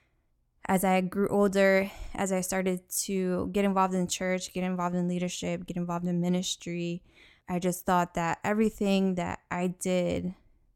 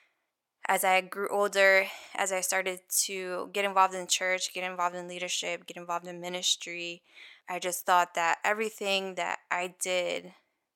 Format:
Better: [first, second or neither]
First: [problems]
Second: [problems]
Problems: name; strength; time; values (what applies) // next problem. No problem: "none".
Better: first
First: none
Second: thin; very; fading below 600 Hz